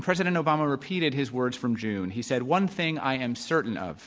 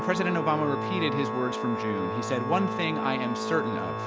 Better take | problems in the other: first | background sound (Organ); 1 dB below the speech

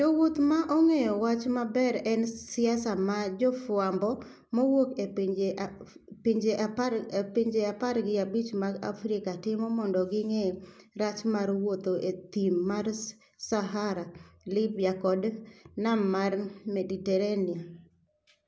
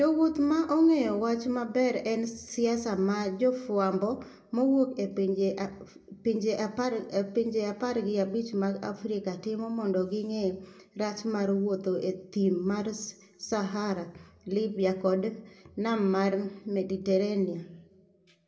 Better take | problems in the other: first | room echo; dies away in 0.8 s

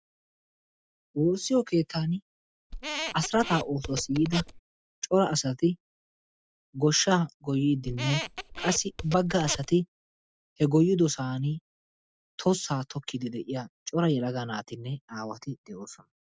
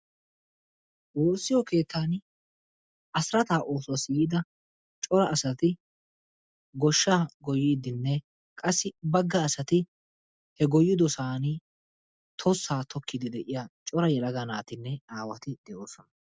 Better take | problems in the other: second | background sound (Squeak); 8 dB below the speech

